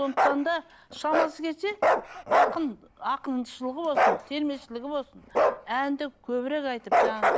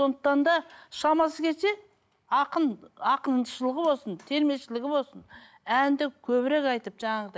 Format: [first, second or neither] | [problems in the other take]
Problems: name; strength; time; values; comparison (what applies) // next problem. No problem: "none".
second | background sound (Bark); 3 dB above the speech